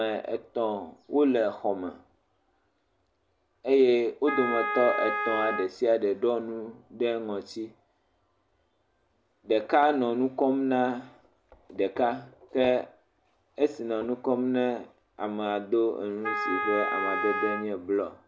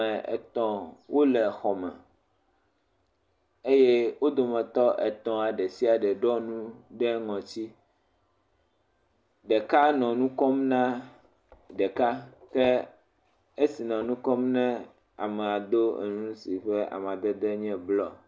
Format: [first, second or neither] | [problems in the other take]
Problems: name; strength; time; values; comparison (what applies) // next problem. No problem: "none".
second | background sound (Wind instrument, woodwind instrument); 3 dB below the speech